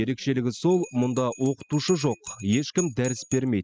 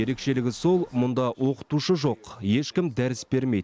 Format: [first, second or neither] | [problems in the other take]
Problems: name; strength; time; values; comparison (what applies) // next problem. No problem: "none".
second | noise reduction (classical method spectral subtraction)